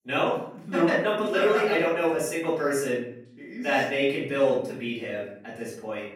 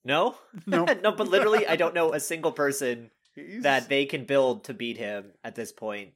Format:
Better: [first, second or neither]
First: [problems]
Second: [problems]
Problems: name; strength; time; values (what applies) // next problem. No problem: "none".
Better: second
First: off-mic speech; far // room echo; noticeable; dies away in 0.6 s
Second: none